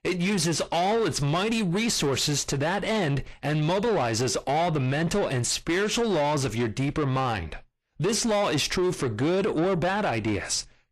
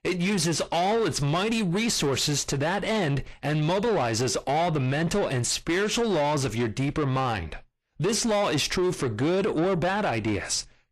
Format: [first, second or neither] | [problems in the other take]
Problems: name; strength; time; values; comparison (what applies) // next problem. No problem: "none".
neither | distortion; slight; 10 dB below the speech; the same in both